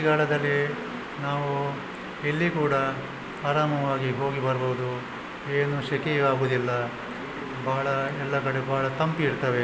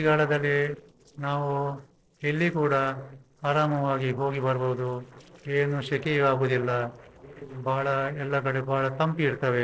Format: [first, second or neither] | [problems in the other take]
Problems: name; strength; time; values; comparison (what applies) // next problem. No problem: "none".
first | noise reduction (neural separator model SepFormer DNS4)